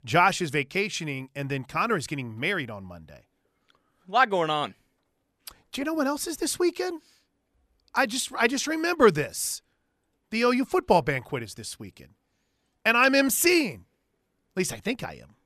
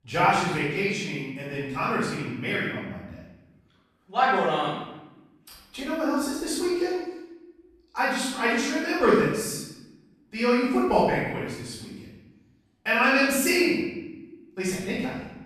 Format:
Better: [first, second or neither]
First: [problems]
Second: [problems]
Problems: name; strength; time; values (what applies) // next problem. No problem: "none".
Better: first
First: none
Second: off-mic speech; far // room echo; strong; dies away in 1 s